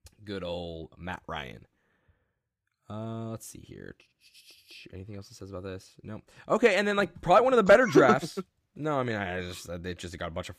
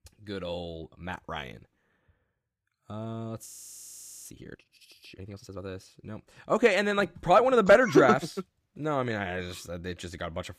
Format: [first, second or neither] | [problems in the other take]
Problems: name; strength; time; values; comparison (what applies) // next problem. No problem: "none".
first | audio freezing; at 3.5 s for 1 s